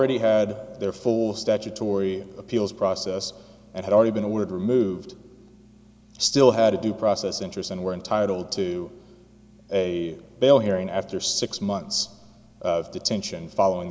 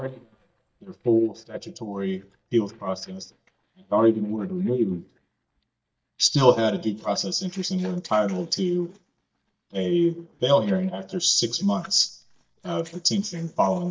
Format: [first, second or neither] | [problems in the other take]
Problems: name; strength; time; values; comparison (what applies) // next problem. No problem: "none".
first | noise reduction (neural mask model DeepFilterNet 3)